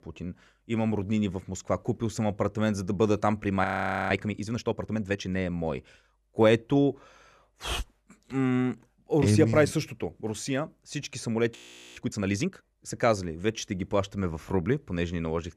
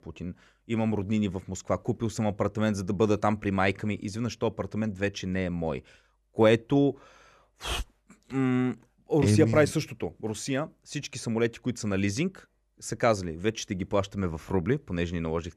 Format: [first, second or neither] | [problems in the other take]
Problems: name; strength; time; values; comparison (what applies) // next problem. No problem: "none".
second | audio freezing; at 3.5 s and at 12 s